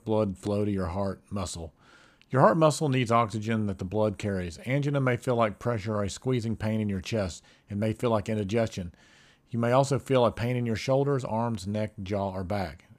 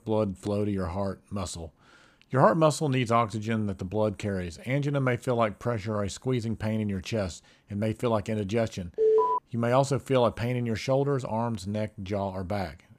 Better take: first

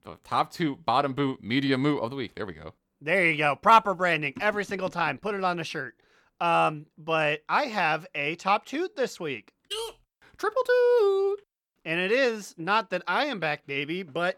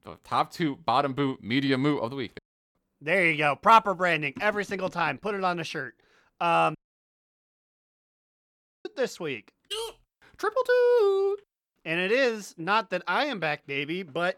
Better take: first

